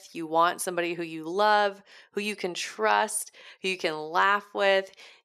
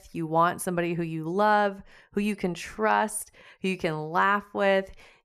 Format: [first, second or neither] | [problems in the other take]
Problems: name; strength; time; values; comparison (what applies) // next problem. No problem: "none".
second | thin; somewhat; fading below 350 Hz